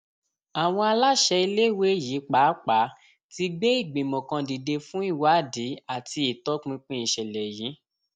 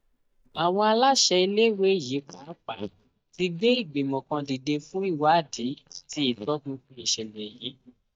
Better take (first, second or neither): first